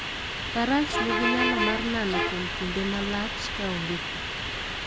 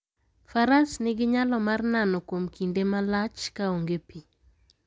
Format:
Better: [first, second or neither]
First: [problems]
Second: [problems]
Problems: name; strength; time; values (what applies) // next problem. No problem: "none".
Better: second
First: background sound (Bus); 1 dB above the speech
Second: none